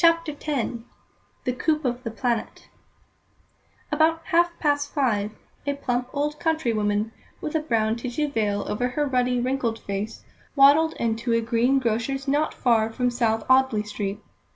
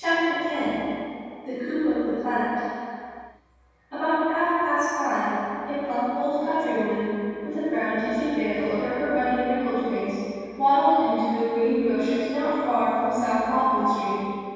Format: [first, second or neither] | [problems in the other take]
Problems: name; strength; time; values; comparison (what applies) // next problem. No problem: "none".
first | room echo; dies away in 2.2 s